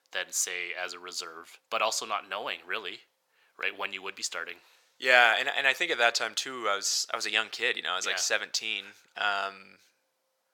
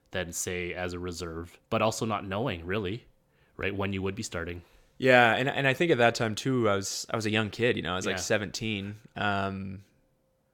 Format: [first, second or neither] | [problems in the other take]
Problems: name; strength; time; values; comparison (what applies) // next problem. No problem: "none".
second | thin; very; fading below 850 Hz